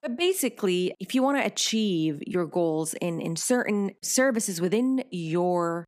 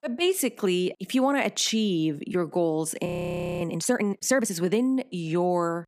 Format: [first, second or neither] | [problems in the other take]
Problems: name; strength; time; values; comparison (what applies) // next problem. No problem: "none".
first | audio freezing; at 3 s for 0.5 s